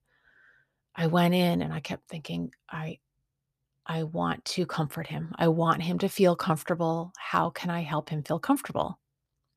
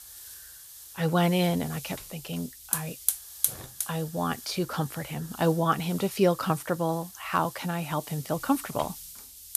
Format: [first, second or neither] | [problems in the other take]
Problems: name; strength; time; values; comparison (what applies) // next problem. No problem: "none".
first | hiss; loud; throughout; 7 dB below the speech